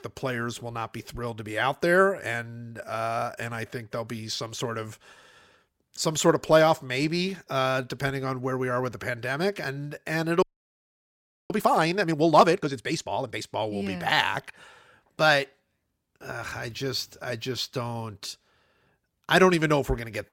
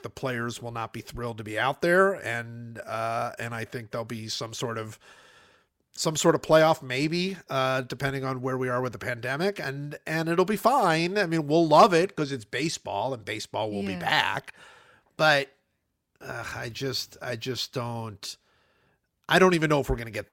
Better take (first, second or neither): second